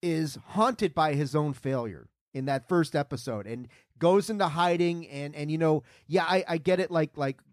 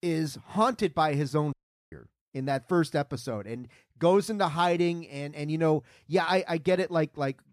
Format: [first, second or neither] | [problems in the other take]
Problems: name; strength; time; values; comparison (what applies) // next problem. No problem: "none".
first | audio cutting out; at 1.5 s